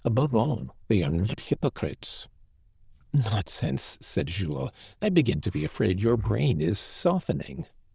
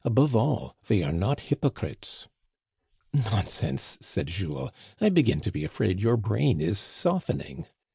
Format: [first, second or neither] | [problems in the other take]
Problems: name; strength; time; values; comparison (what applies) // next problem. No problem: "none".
second | noise reduction (neural diffusion model UNIVERSE++)